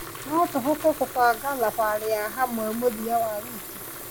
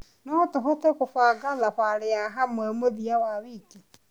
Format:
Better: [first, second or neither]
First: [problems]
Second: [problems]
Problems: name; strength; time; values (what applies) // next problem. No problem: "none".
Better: second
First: background sound (Fill (with liquid) / Water tap, faucet); 12 dB below the speech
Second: none